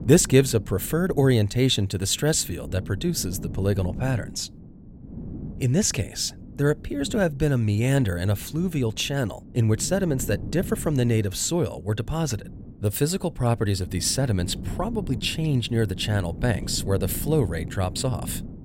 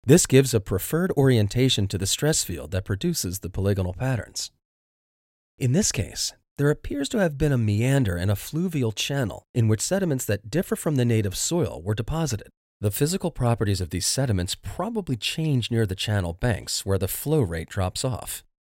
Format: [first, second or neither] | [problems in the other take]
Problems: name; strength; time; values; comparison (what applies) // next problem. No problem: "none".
second | wind noise on the microphone; occasional gusts; 20 dB below the speech